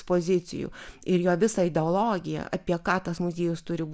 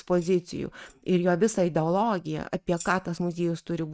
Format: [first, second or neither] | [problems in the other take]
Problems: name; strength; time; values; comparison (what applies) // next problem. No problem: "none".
first | noise reduction (neural mask model RNNoise)